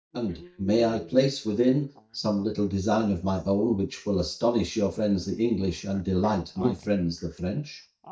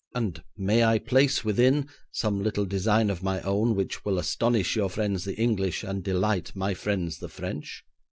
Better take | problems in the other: second | noise reduction (neural mask model DeepFilterNet 3)

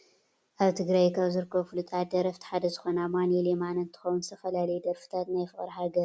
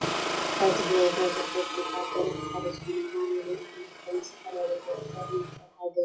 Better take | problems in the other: first | noise reduction (classical method WPE with log-MMSE)

